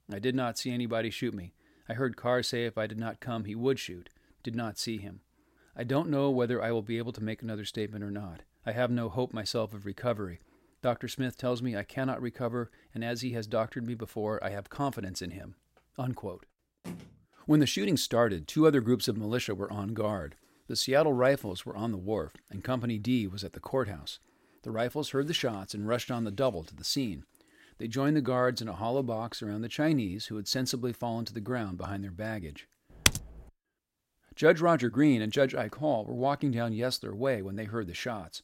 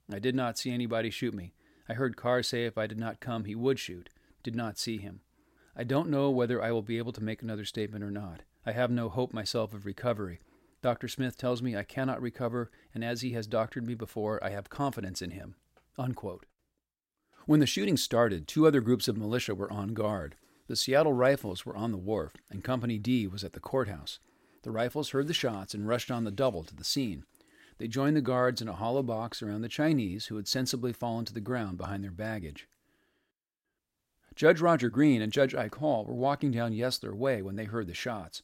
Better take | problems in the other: second | phone ringing; faint; at 17 s; peak 15 dB below the speech // keyboard typing; very faint; at 33 s; peak 5 dB above the speech

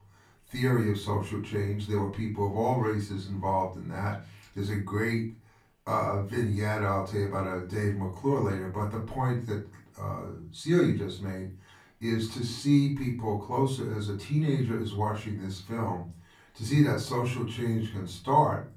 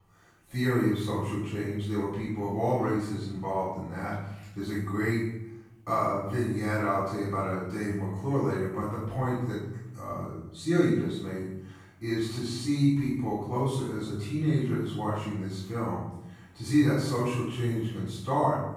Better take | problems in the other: first | room echo; strong; dies away in 0.8 s; slight in the first // off-mic speech; far; far in the first

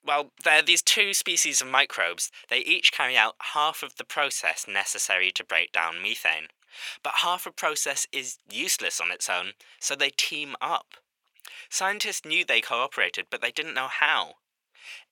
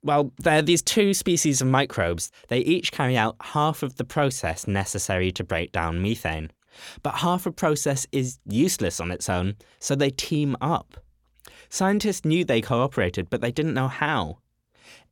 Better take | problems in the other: second | thin; very; fading below 900 Hz

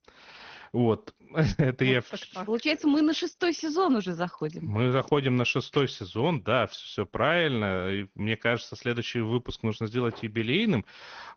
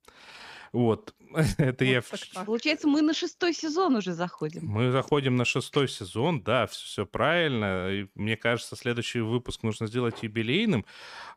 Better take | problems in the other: second | garbled, watery; slightly; nothing above 6.5 kHz

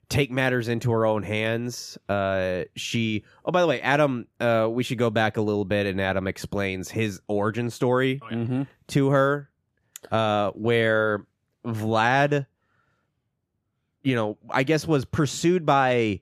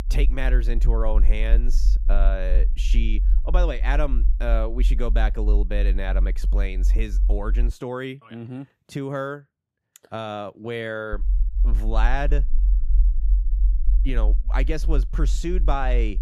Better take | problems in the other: first | low rumble; noticeable; until 7.5 s and from 11 s on; 15 dB below the speech

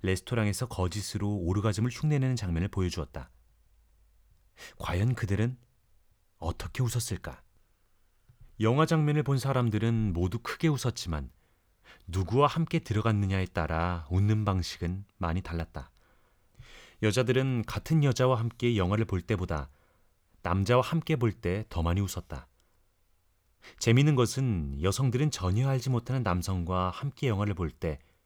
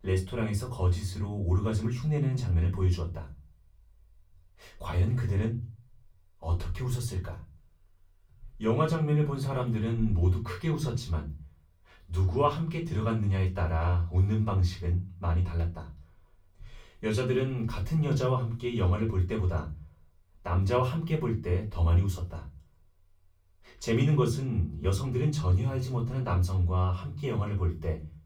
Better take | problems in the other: first | off-mic speech; far // room echo; very slight; dies away in 0.4 s

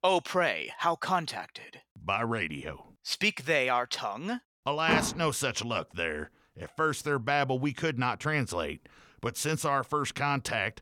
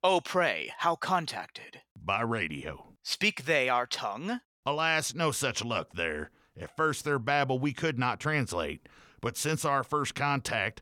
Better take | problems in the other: second | door banging; noticeable; at 5 s; peak 1 dB below the speech

